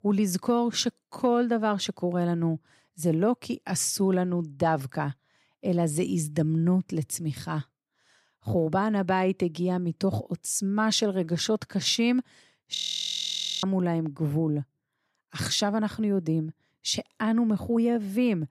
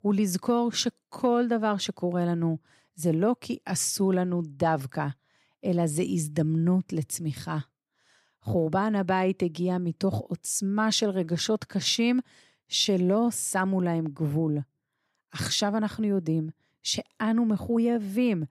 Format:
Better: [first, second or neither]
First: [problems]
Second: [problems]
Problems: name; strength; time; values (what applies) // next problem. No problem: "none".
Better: second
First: audio freezing; at 13 s for 1 s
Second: none